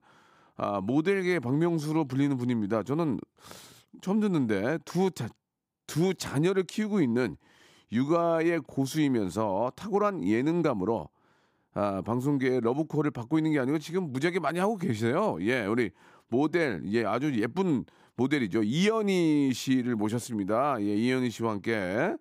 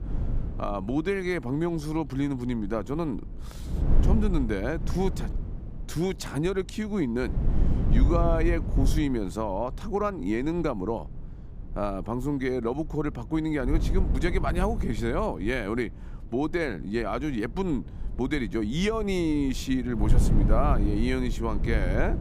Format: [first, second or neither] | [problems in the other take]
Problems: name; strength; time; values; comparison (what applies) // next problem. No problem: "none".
first | wind noise on the microphone; occasional gusts; 10 dB below the speech